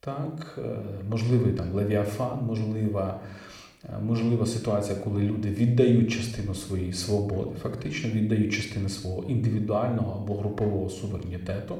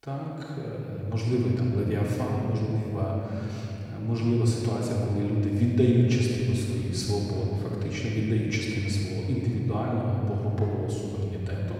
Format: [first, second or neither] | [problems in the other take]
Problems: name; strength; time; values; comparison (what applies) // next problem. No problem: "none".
first | room echo; strong; dies away in 3 s; slight in the first // off-mic speech; far